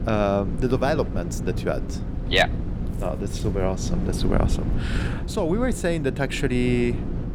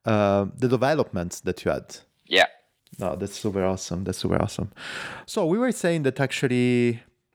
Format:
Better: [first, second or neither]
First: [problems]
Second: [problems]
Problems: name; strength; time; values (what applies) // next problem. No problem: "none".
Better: second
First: low rumble; noticeable; throughout; 10 dB below the speech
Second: none